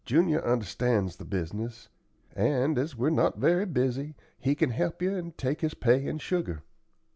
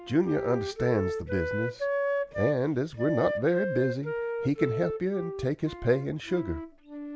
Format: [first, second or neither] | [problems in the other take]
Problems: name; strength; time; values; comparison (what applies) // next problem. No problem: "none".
first | background sound (Wind instrument, woodwind instrument); 4 dB below the speech